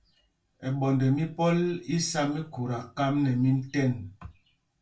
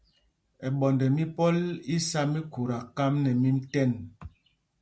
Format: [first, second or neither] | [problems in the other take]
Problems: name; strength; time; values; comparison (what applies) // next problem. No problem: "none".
second | room echo; dies away in 0.2 s